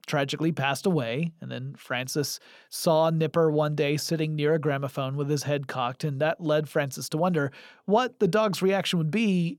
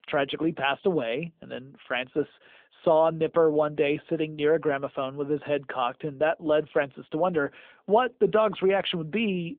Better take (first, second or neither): first